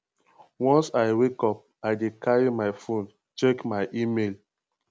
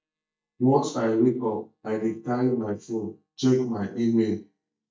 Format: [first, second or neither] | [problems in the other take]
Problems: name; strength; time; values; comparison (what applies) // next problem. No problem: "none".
first | noise reduction (neural mask model DeepFilterNet 3)